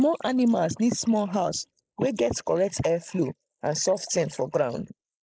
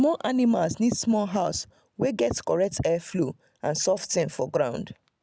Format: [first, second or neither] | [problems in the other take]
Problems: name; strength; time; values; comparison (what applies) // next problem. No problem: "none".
second | noise reduction (neural mask model Resemble Enhance denoiser)